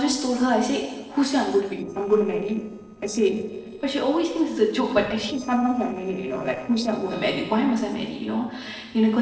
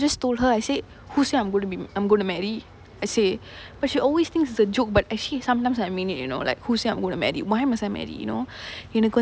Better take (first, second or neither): second